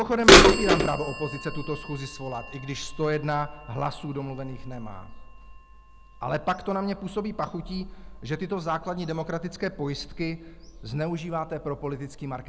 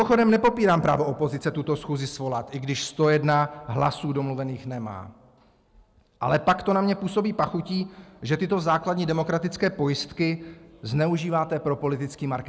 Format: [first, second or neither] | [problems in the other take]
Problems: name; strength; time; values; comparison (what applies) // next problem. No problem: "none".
second | background sound (Bird vocalization, bird call, bird song / Telephone); 3 dB above the speech